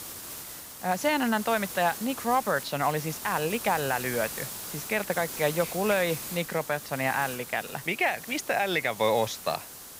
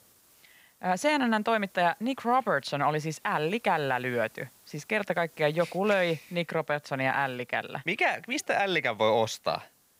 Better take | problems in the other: second | hiss; loud; throughout; 9 dB below the speech; faint in the second

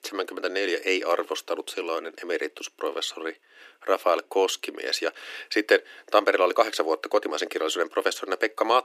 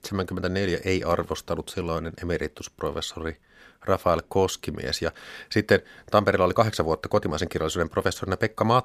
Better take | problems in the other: second | thin; somewhat; fading below 300 Hz

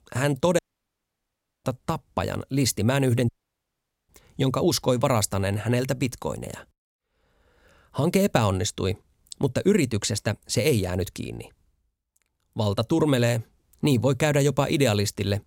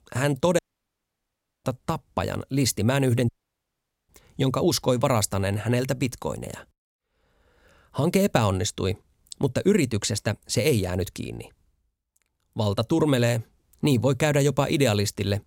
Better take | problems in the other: neither | audio cutting out; at 0.5 s for 1 s and at 3.5 s for 1 s; the same in both

